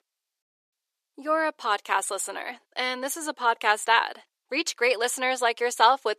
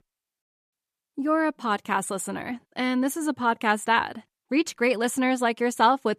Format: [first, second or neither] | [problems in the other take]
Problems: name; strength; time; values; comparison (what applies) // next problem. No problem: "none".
second | thin; very; fading below 400 Hz